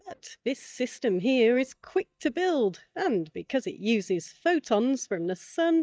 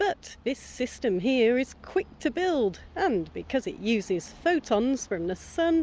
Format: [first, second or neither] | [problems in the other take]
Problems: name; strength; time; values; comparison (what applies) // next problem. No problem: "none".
second | noise reduction (neural mask model DeepFilterNet 3)